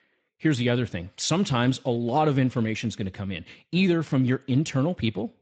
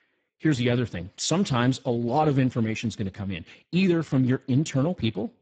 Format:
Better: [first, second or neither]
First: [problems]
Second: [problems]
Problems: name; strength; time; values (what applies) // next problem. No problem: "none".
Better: first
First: garbled, watery; slightly; nothing above 7.5 kHz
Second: garbled, watery; badly; nothing above 7.5 kHz